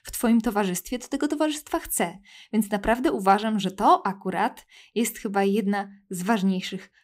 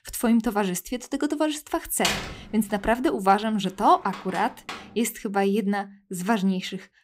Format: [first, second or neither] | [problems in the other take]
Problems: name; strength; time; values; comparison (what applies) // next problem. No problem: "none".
first | door banging; noticeable; from 2 to 5 s; peak 1 dB below the speech